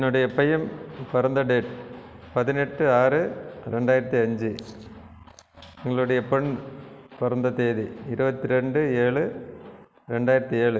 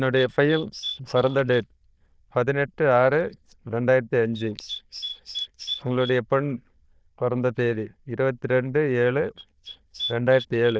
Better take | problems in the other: first | noise reduction (neural diffusion model UNIVERSE++)

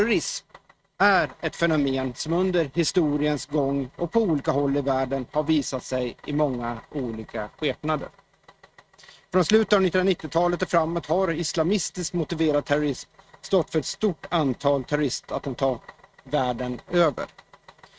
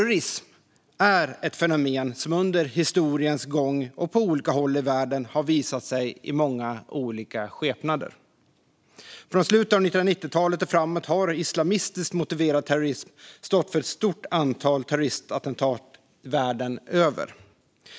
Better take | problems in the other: second | noise reduction (neural mask model RNNoise)

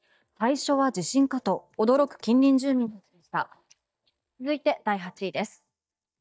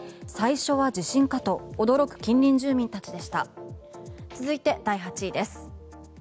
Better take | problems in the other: second | noise reduction (neural mask model DeepFilterNet 3)

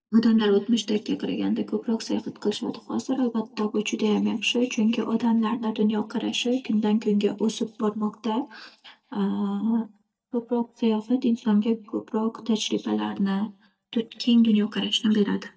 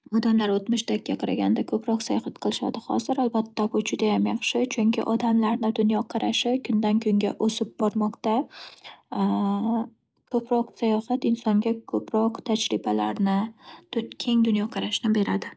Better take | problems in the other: second | noise reduction (neural mask model DeepFilterNet 3)

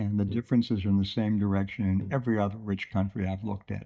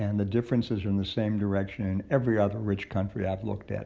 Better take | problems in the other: second | noise reduction (neural mask model DeepFilterNet 3)

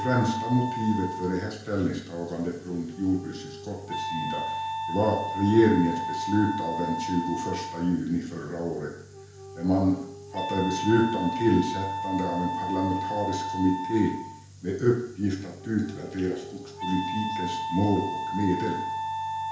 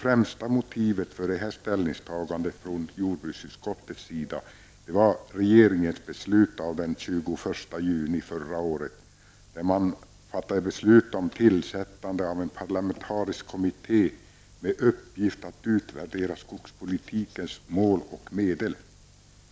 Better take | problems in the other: second | background sound (Wind instrument, woodwind instrument); 6 dB below the speech // room echo; dies away in 0.5 s

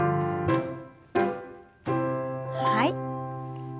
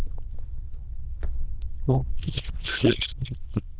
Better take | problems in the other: first | noise reduction (neural diffusion model UNIVERSE++)

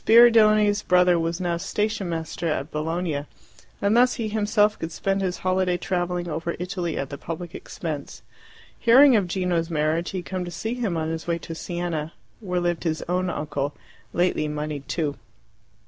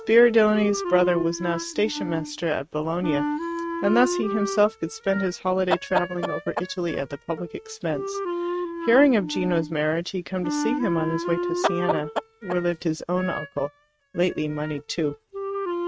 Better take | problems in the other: first | noise reduction (neural mask model RNNoise)

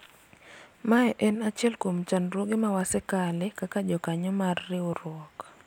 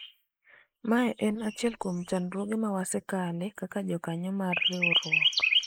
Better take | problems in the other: first | noise reduction (neural mask model Resemble Enhance denoiser)

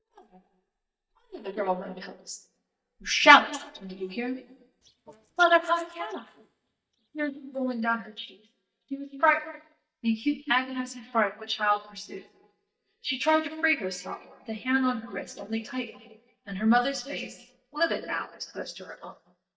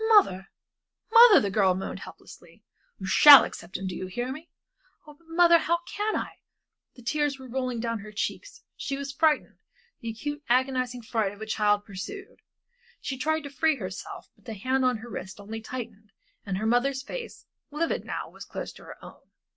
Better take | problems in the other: second | noise reduction (neural mask model DeepFilterNet 3)

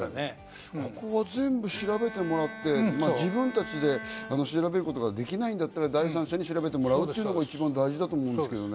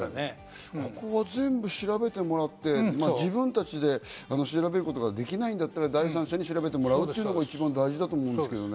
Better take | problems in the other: second | background sound (Bowed string instrument); 13 dB below the speech

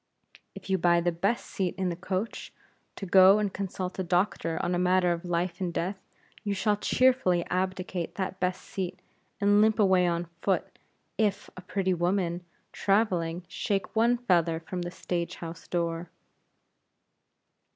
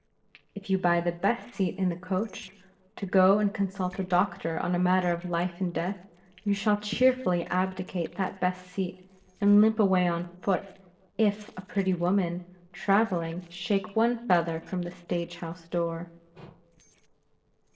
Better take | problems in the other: first | noise reduction (neural separator model SepFormer DNS4)

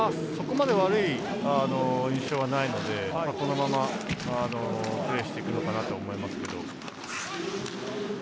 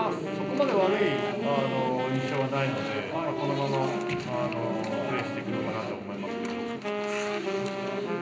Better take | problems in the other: first | background sound (Wind instrument, woodwind instrument); 4 dB below the speech // room echo; dies away in 0.5 s

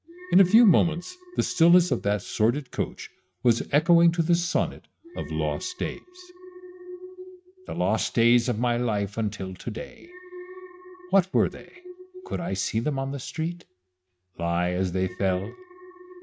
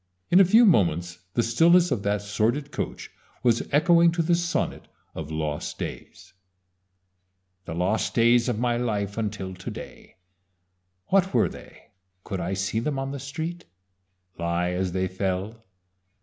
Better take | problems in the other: second | noise reduction (neural mask model RNNoise)

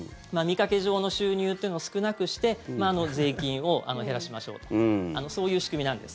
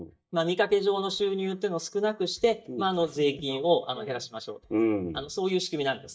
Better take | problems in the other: first | noise reduction (neural mask model DeepFilterNet 3)

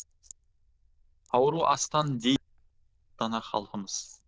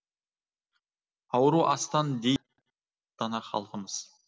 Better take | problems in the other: second | noise reduction (neural diffusion model UNIVERSE++)

